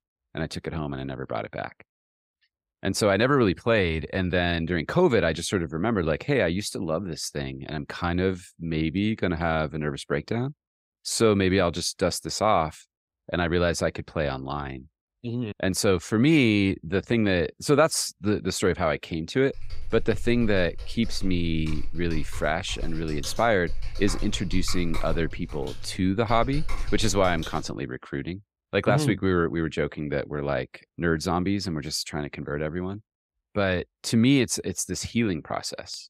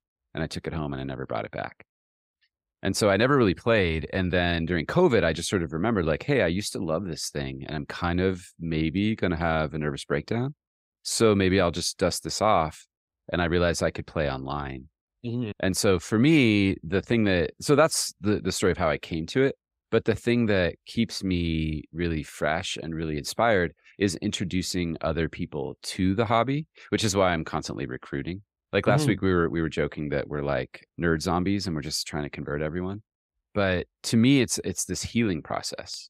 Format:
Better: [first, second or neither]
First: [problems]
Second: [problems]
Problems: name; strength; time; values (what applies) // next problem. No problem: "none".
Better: second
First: keyboard typing; noticeable; from 20 to 28 s; peak 9 dB below the speech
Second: none